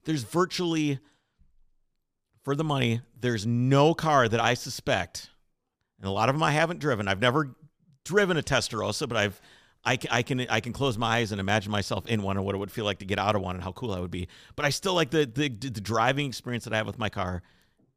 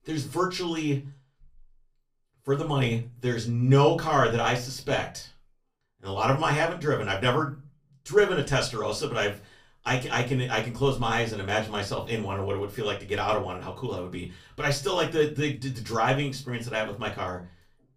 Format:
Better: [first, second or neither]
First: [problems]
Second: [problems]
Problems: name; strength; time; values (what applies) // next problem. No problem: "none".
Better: first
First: none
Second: off-mic speech; far // room echo; very slight; dies away in 0.2 s